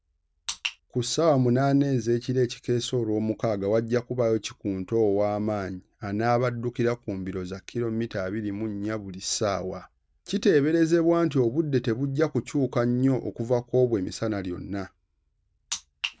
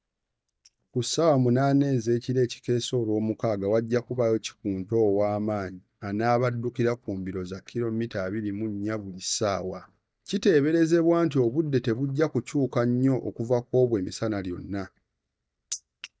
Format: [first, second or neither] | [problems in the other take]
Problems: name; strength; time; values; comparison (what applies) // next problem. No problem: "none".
first | noise reduction (neural mask model DeepFilterNet 3)